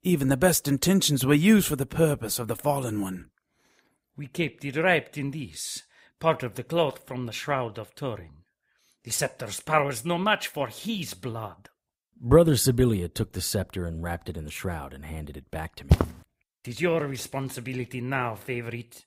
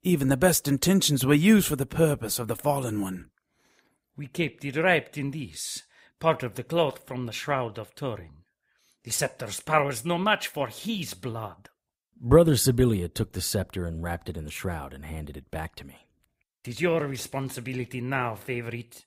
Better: second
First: footsteps; loud; at 16 s; peak 2 dB above the speech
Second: none

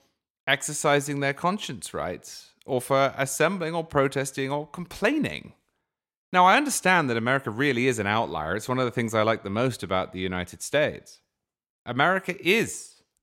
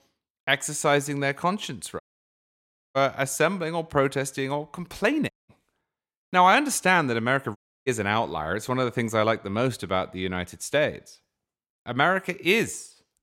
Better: first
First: none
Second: audio cutting out; at 2 s for 1 s, at 5.5 s and at 7.5 s

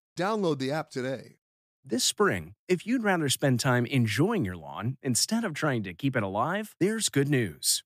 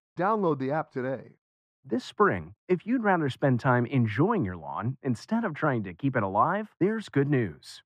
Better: first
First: none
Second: muffled; very; fading above 4 kHz

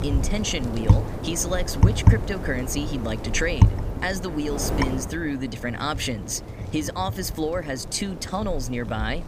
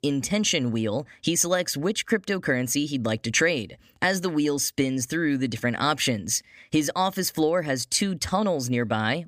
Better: second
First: wind noise on the microphone; heavy; 6 dB below the speech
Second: none

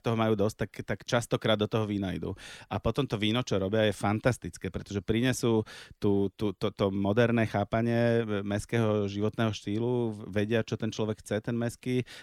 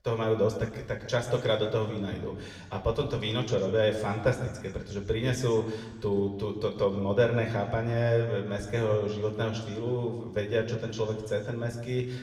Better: first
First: none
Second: room echo; slight; dies away in 1.3 s // off-mic speech; somewhat distant

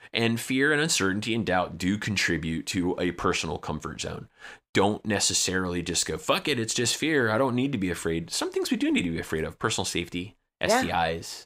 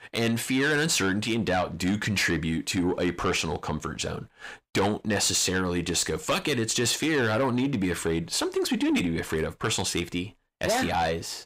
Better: first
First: none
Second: distortion; slight; 10 dB below the speech

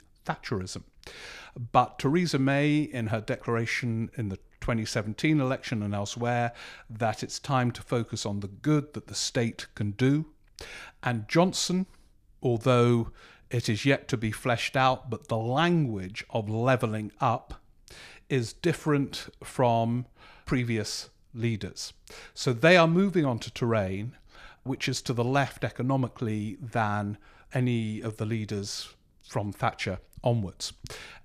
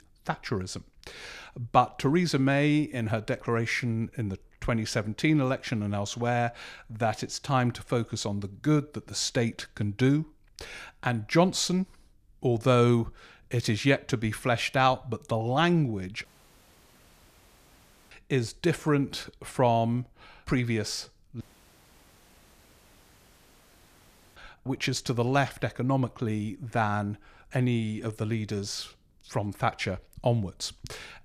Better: first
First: none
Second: audio cutting out; at 16 s for 2 s and at 21 s for 3 s

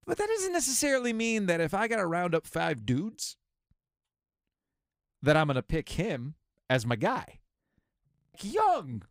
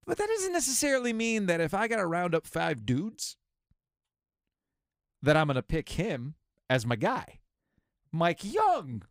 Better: second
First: audio freezing; at 8 s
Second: none

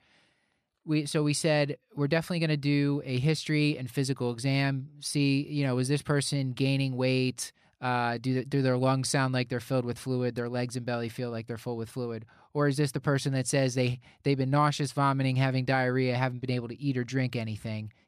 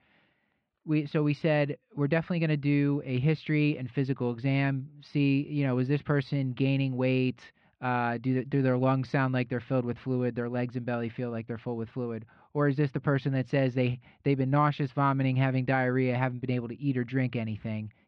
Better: first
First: none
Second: muffled; very; fading above 3 kHz

